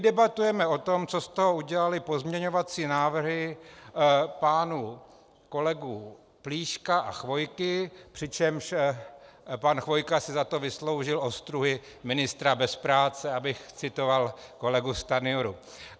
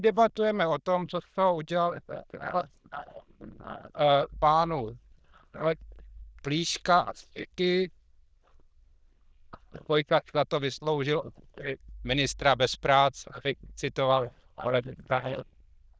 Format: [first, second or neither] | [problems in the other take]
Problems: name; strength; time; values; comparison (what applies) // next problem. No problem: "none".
first | noise reduction (neural diffusion model UNIVERSE++)